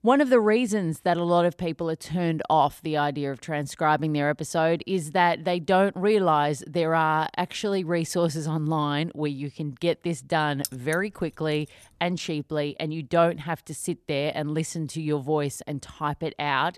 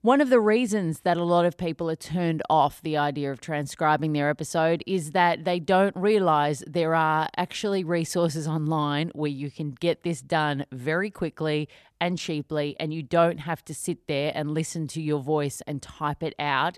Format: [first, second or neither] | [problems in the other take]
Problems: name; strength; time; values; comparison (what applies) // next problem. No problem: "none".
second | jangling keys; noticeable; at 11 s; peak 9 dB below the speech